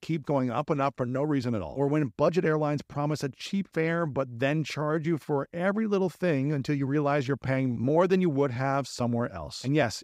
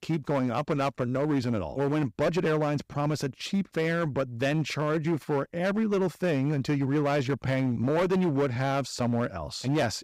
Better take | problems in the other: first | distortion; slight; 13% of the sound clipped

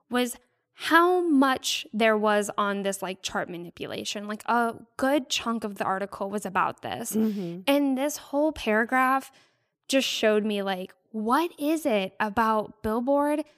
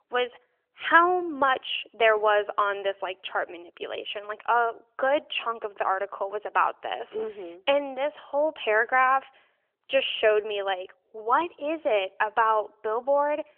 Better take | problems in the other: first | phone-call audio; nothing above 3.5 kHz

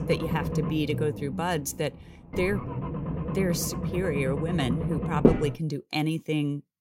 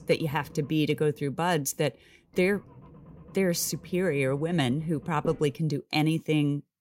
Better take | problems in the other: second | low rumble; loud; until 5.5 s; 3 dB below the speech; faint in the second

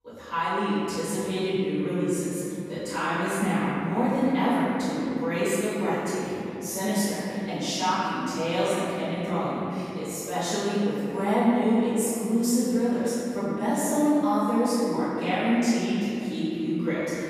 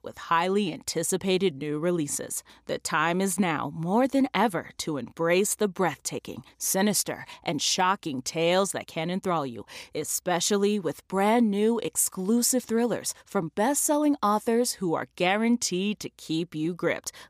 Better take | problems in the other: second | room echo; strong; dies away in 3 s // off-mic speech; far

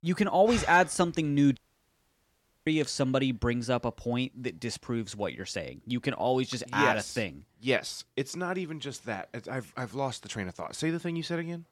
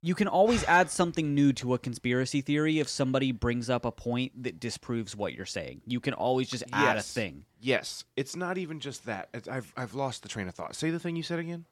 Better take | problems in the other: second | audio cutting out; at 1.5 s for 1 s

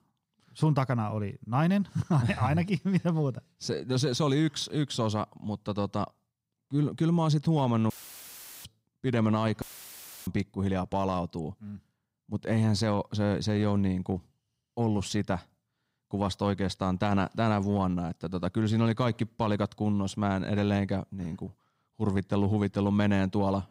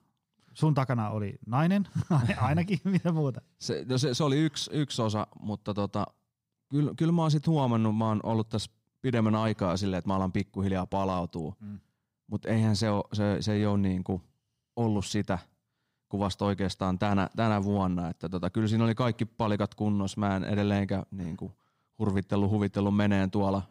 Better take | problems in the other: second | audio cutting out; filled with static; at 8 s for 0.5 s and at 9.5 s for 0.5 s

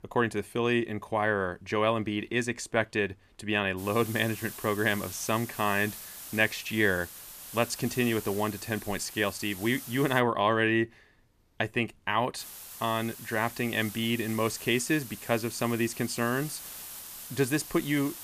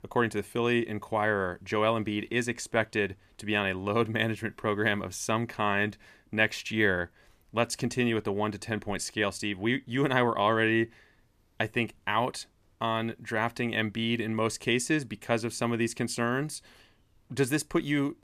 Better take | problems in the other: second | hiss; noticeable; from 4 to 10 s and from 12 s on; 10 dB below the speech

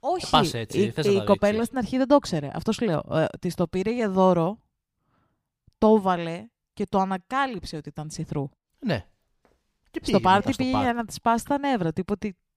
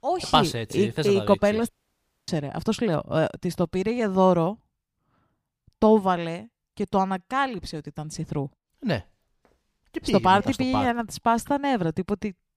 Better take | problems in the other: first | audio cutting out; at 1.5 s for 0.5 s

